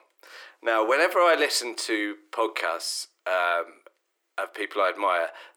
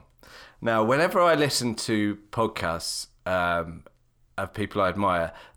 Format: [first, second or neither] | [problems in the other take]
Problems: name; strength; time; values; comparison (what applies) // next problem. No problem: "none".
second | thin; very; fading below 350 Hz